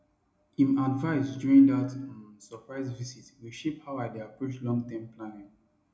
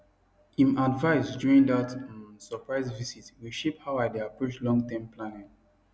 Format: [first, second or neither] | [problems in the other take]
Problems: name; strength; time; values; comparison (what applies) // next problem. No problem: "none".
second | room echo; dies away in 0.4 s